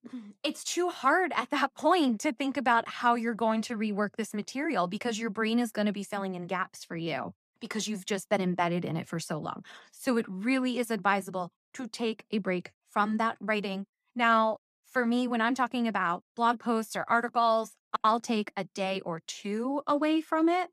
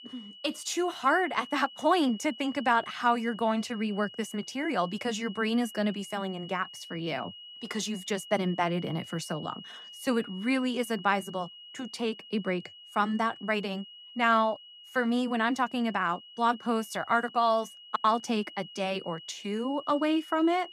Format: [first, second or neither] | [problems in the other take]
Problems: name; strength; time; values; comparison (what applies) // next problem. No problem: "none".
first | high-pitched whine; noticeable; throughout; 3 kHz, 15 dB below the speech